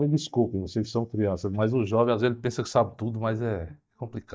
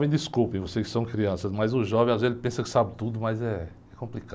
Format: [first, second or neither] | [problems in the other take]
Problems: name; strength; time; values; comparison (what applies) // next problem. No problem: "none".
second | noise reduction (neural mask model DeepFilterNet 3)